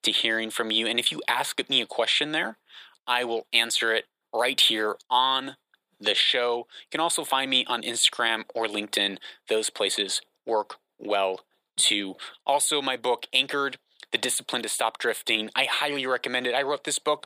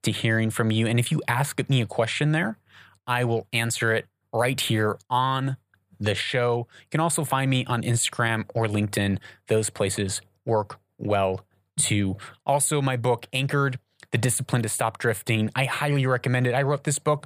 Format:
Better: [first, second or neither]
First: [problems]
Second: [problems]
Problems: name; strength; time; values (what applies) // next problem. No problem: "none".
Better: second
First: thin; somewhat; fading below 300 Hz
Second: none